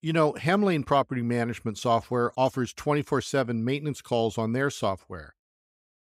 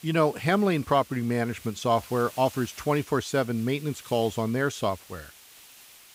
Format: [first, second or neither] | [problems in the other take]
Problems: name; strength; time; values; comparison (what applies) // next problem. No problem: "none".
first | hiss; noticeable; throughout; 20 dB below the speech